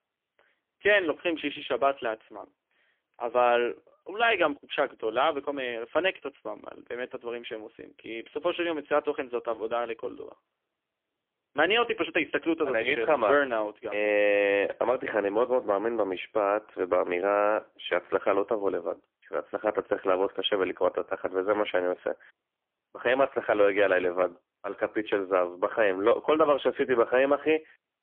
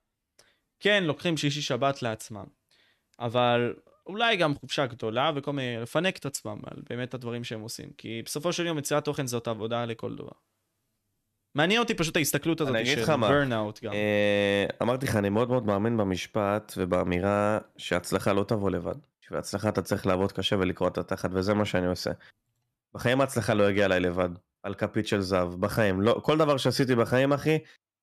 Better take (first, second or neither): second